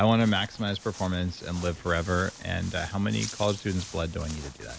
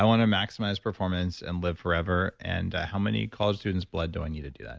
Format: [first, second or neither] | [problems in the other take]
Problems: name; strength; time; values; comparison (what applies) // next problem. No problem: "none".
second | background sound (Walk, footsteps); 16 dB below the speech